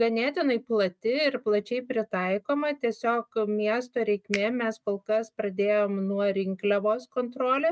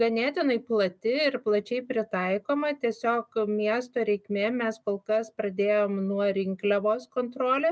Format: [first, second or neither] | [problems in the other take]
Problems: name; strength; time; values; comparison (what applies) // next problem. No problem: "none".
second | noise reduction (neural mask model RNNoise)